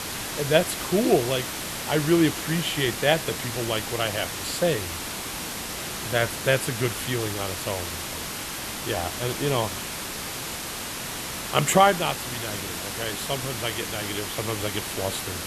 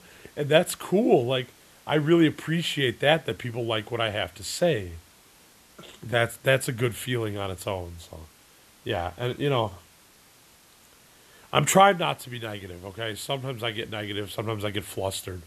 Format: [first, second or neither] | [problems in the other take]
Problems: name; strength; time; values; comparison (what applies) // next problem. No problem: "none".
second | hiss; loud; throughout; 5 dB below the speech; faint in the second